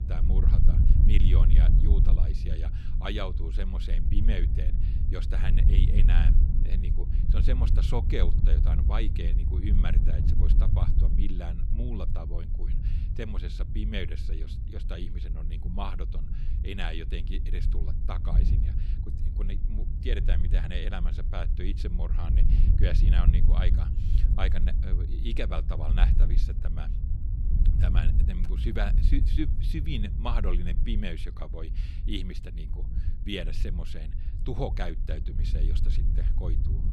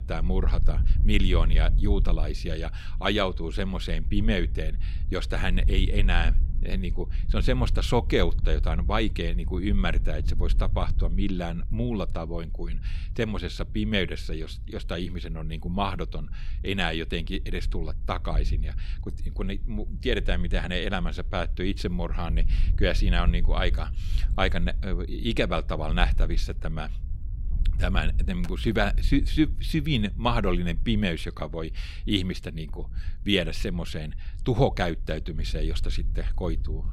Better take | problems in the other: second | wind noise on the microphone; heavy; 5 dB below the speech; occasional gusts in the second

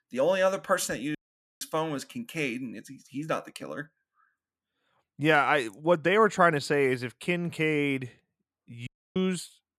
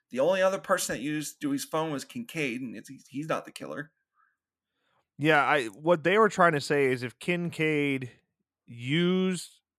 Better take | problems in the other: second | audio cutting out; at 1 s and at 9 s

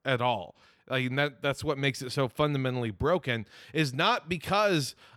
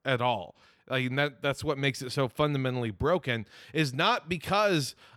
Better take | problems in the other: neither | none

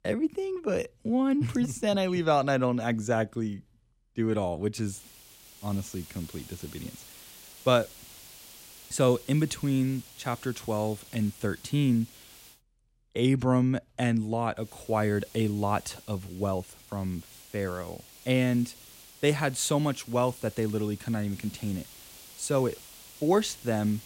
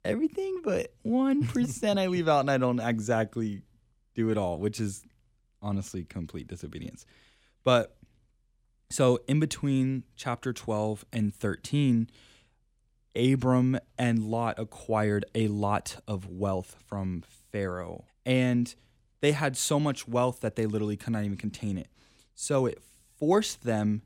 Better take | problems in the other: second | hiss; noticeable; from 5 to 13 s and from 15 s on; 20 dB below the speech

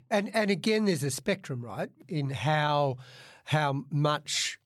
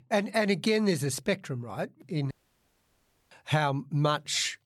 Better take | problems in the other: first | audio cutting out; at 2.5 s for 1 s

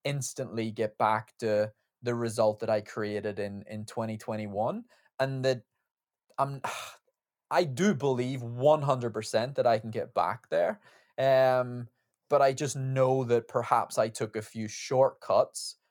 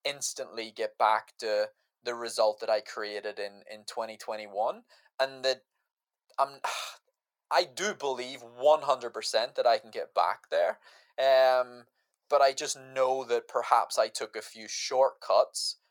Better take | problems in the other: first | thin; very; fading below 650 Hz

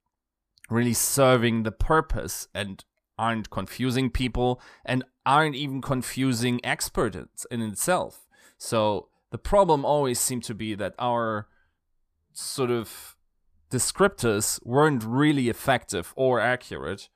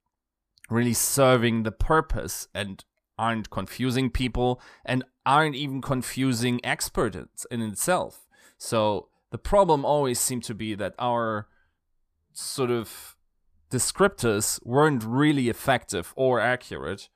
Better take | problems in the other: neither | none

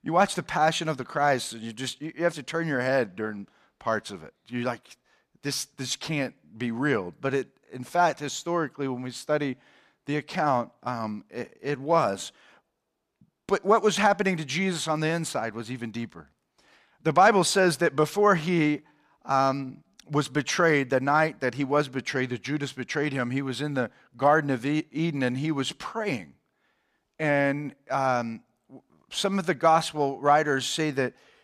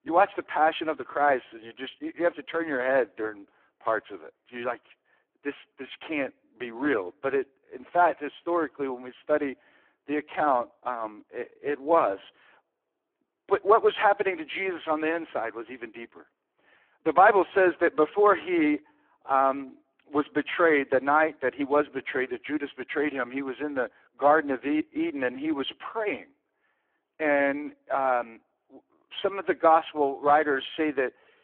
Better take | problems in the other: first | phone-call audio; poor line

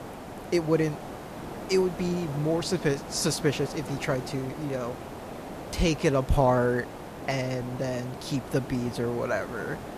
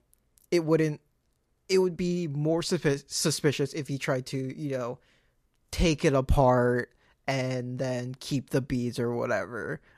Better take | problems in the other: second | hiss; noticeable; throughout; 10 dB below the speech

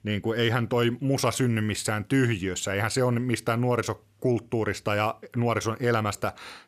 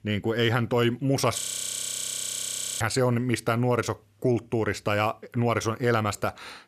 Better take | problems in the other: first | audio freezing; at 1.5 s for 1.5 s

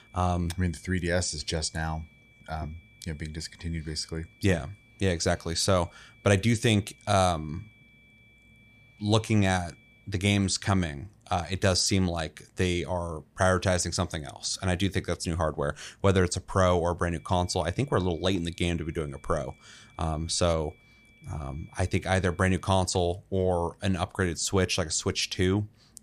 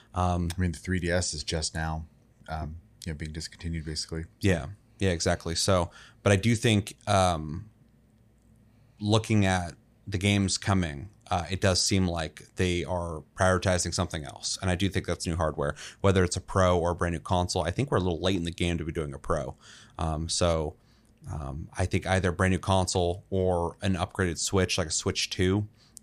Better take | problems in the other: second | high-pitched whine; faint; until 10 s and from 17 to 23 s; 2.5 kHz, 30 dB below the speech

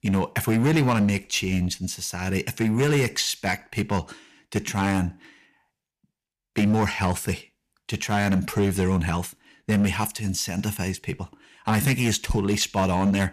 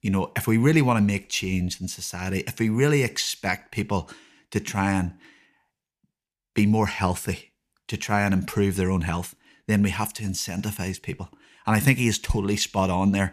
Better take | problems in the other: second | distortion; slight; 7% of the sound clipped

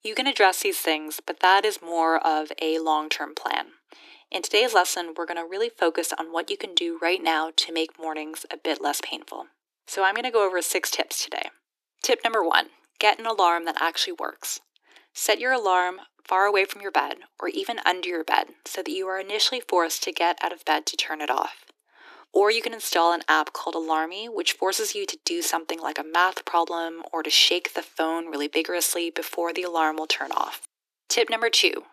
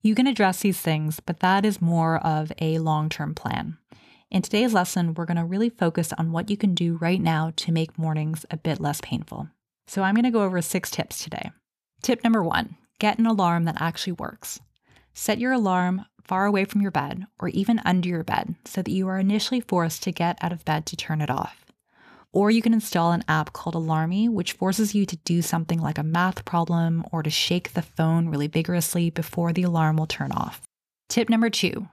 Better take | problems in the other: second | thin; very; fading below 300 Hz

